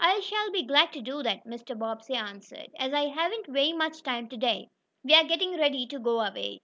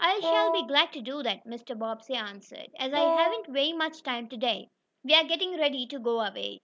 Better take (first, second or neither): first